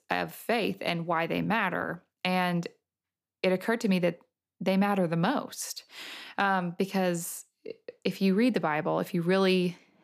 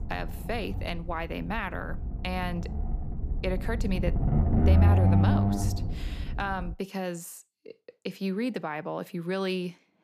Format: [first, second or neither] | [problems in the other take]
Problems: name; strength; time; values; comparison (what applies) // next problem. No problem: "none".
first | low rumble; loud; until 6.5 s; 2 dB below the speech